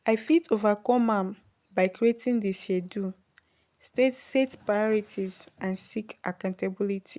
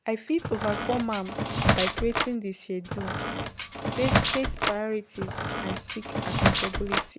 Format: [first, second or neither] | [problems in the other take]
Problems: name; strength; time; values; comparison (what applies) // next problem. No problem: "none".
first | background sound (Squeak); 3 dB above the speech